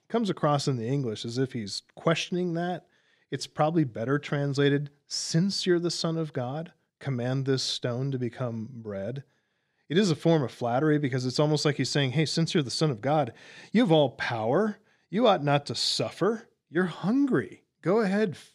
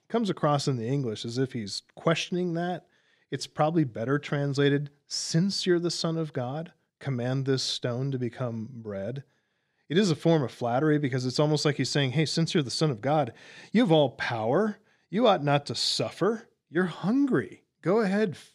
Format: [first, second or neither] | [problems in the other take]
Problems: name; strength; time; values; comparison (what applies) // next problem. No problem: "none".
neither | none